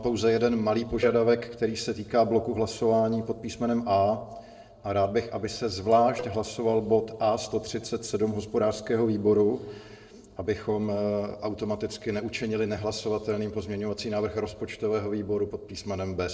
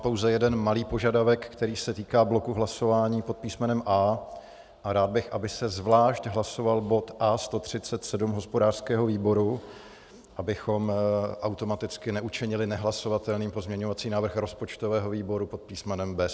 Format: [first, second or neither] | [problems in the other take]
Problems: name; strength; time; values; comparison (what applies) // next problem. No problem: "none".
second | noise reduction (neural separator model SepFormer DNS4)